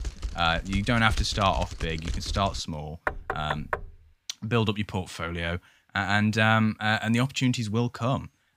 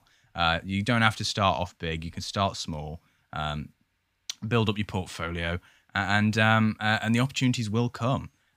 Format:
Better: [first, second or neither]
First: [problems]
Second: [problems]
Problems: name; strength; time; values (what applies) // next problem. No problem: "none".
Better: second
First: keyboard typing; noticeable; until 2.5 s; peak 6 dB below the speech // door banging; noticeable; at 3 s; peak 5 dB below the speech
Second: none